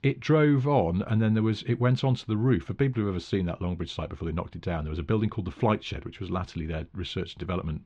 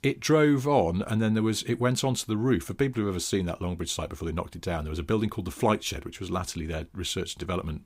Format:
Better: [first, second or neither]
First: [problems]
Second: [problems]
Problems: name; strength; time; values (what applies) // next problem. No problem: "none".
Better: second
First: muffled; slightly; fading above 3.5 kHz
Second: none